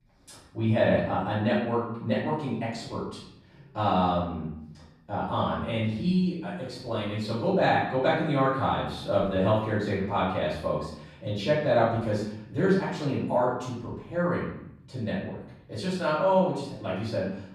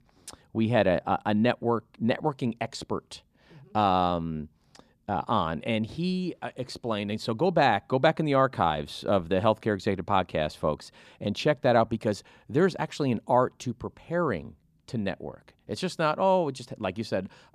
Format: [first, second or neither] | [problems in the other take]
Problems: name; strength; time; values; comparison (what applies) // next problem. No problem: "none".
second | off-mic speech; far // room echo; noticeable; dies away in 0.7 s